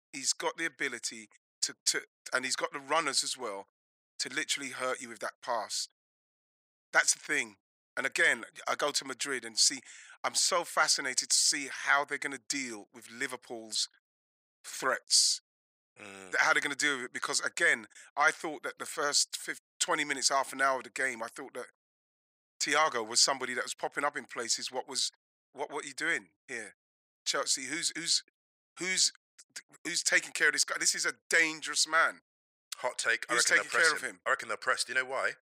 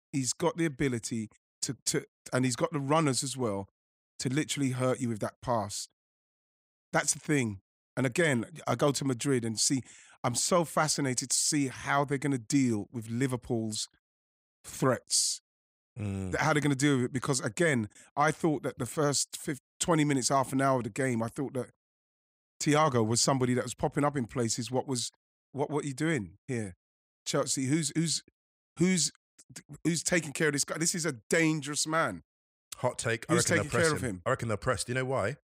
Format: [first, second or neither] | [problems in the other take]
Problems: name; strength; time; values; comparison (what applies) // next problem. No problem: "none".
second | thin; very; fading below 550 Hz